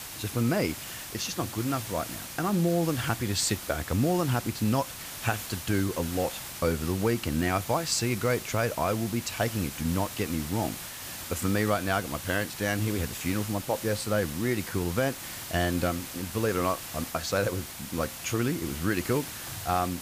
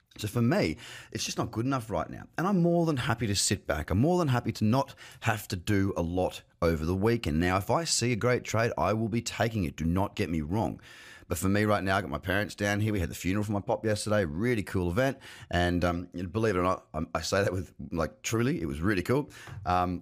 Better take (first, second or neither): second